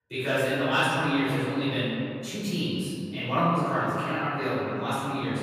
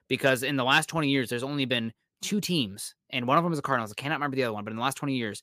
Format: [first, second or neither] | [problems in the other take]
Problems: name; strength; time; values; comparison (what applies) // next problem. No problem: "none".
second | off-mic speech; far // room echo; strong; dies away in 2.6 s